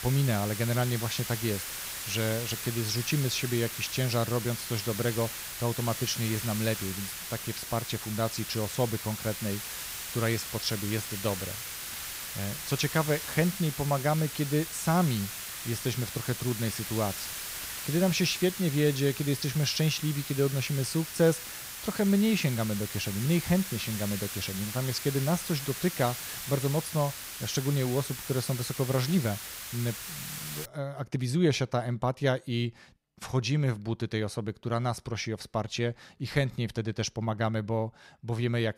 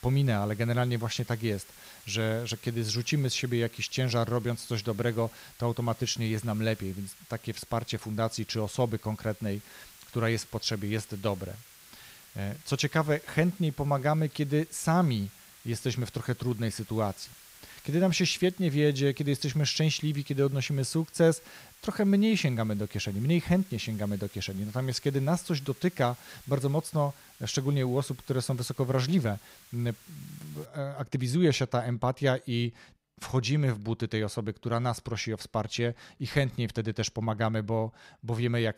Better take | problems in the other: second | hiss; loud; until 31 s; 6 dB below the speech; faint in the second

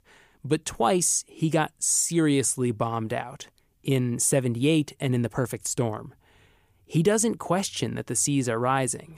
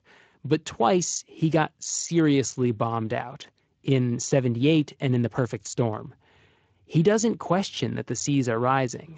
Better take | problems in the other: first | garbled, watery; slightly; nothing above 7.5 kHz

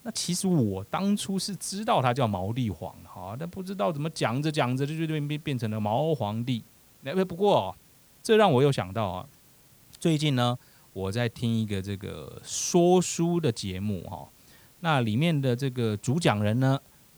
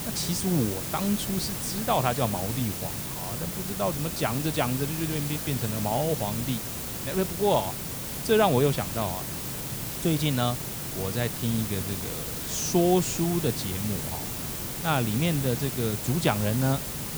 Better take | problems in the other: first | hiss; loud; throughout; 4 dB below the speech; faint in the first

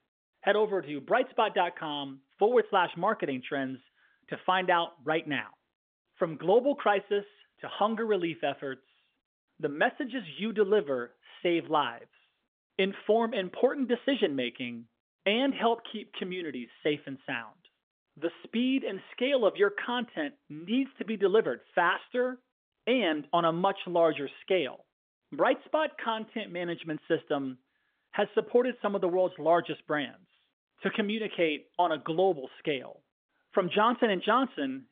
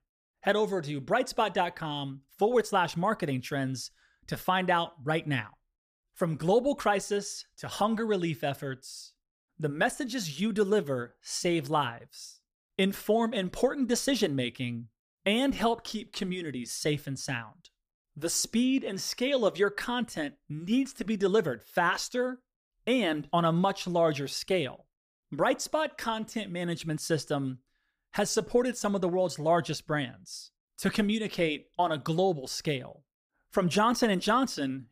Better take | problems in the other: second | phone-call audio; nothing above 3.5 kHz

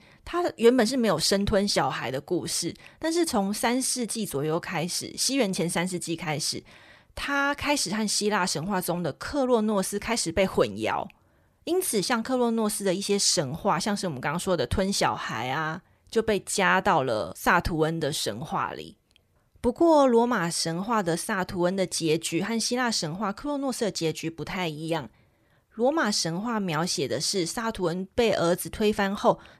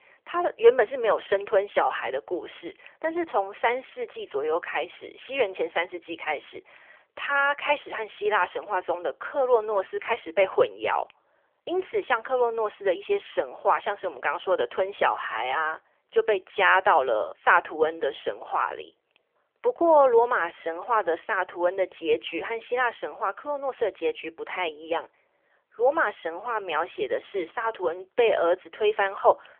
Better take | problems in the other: first | phone-call audio; nothing above 3.5 kHz

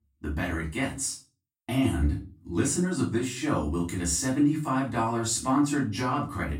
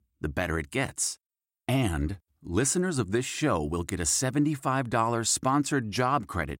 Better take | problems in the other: second | off-mic speech; far // room echo; slight; dies away in 0.3 s

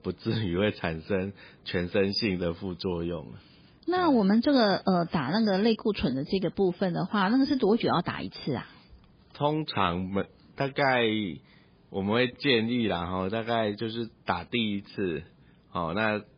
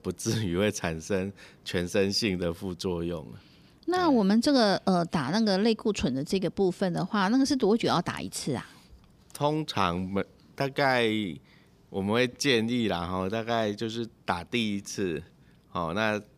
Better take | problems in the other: second | garbled, watery; badly

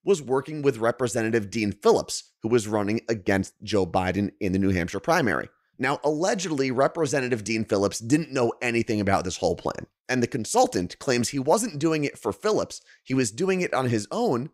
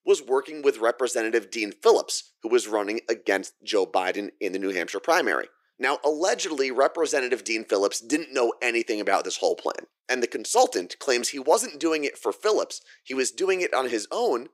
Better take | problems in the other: first | thin; somewhat; fading below 350 Hz

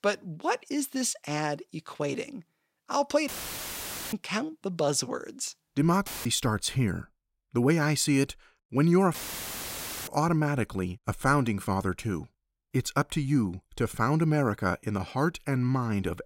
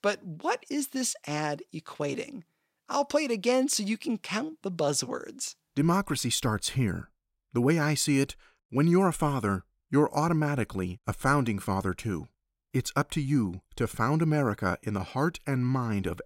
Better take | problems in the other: second | audio cutting out; filled with static; at 3.5 s for 1 s, at 6 s and at 9 s for 1 s

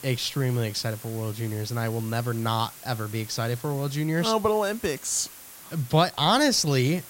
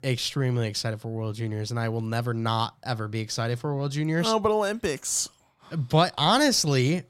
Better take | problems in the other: second | hiss; noticeable; throughout; 15 dB below the speech

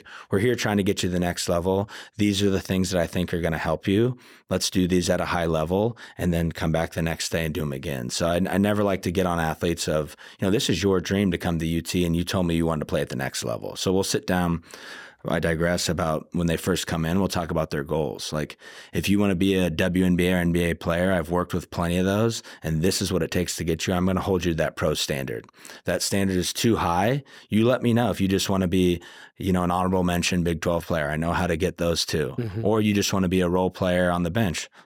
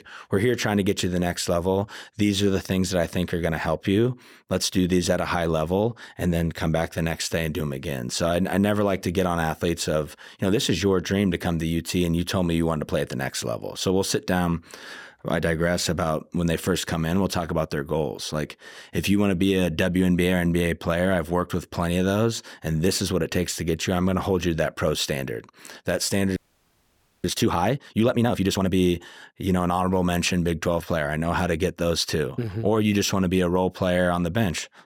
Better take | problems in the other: first | audio freezing; at 26 s for 1 s

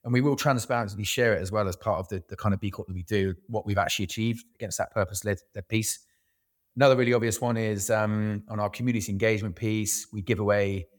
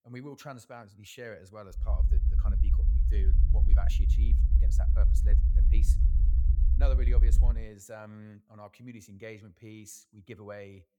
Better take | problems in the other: first | low rumble; loud; from 2 to 7.5 s; 2 dB below the speech

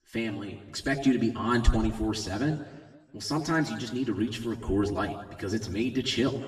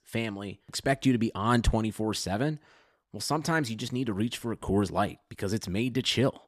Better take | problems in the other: second | room echo; slight; dies away in 1.1 s // off-mic speech; far

